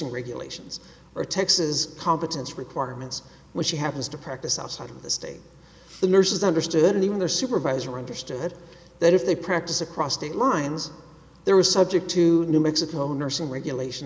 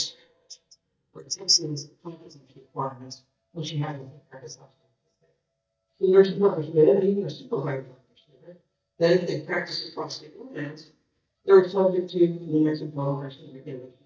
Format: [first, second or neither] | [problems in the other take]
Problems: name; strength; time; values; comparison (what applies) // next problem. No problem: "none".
first | noise reduction (neural mask model DeepFilterNet 3)